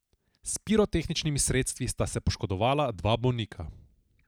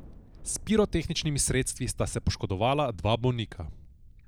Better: first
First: none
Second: background sound (Thunder); 18 dB below the speech

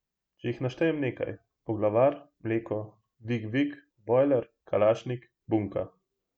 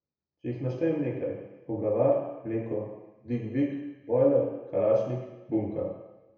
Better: first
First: none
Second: room echo; dies away in 1 s

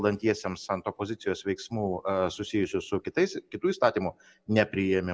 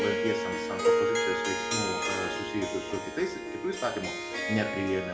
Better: first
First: none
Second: background sound (Harp); 3 dB above the speech // room echo; dies away in 0.4 s

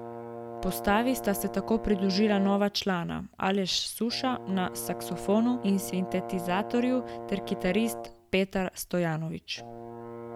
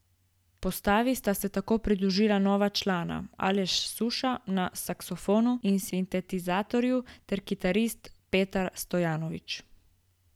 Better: second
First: background sound (Brass instrument); 11 dB below the speech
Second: none

